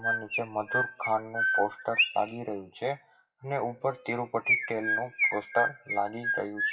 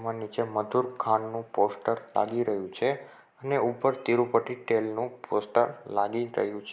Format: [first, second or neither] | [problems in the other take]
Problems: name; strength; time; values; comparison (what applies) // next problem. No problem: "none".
second | noise reduction (classical method WPE with log-MMSE)